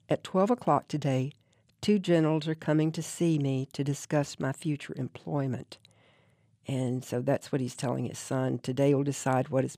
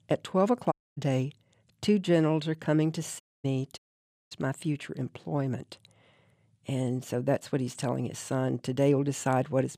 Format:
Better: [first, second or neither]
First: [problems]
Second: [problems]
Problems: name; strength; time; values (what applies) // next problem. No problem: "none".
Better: first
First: none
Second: audio cutting out; at 0.5 s, at 3 s and at 4 s for 0.5 s